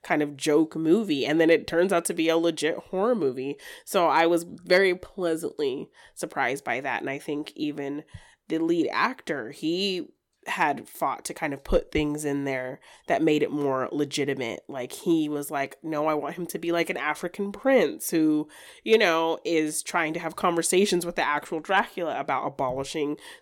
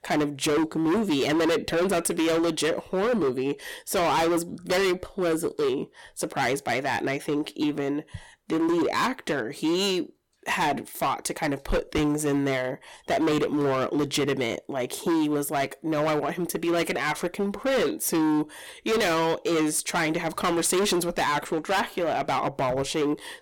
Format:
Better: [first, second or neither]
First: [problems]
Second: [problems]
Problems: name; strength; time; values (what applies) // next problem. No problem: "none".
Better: first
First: none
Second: distortion; heavy; 20% of the sound clipped